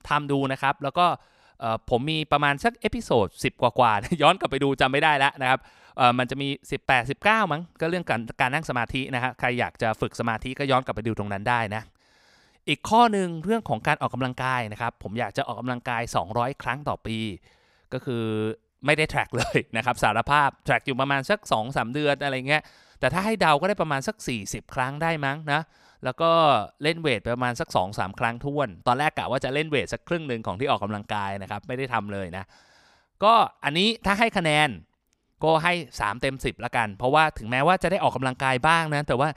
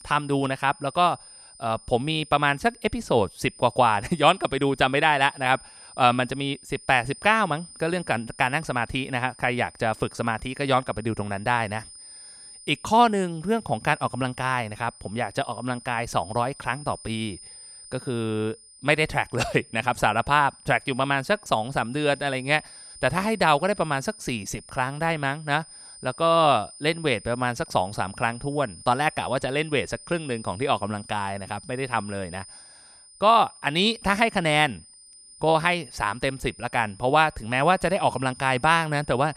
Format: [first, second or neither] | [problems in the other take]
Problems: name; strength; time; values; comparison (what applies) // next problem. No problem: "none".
first | high-pitched whine; noticeable; throughout; 9 kHz, 20 dB below the speech